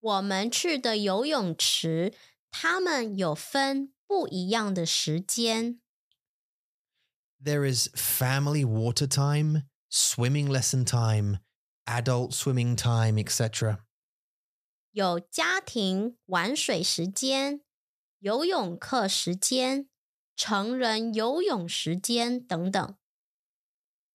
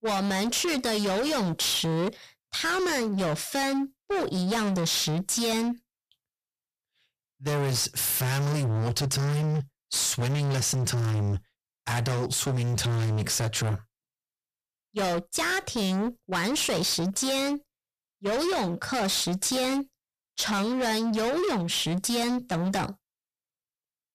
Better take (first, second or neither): first